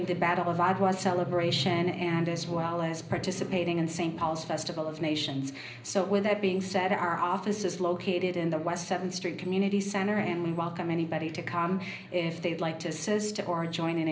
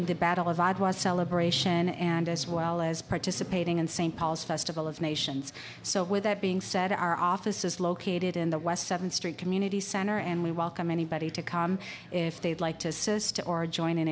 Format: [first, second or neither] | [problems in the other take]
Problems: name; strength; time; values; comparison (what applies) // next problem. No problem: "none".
second | room echo; dies away in 0.5 s